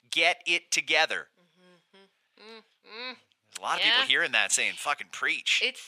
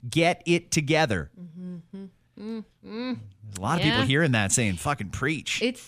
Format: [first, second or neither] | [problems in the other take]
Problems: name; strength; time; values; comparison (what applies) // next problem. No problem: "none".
second | thin; very; fading below 700 Hz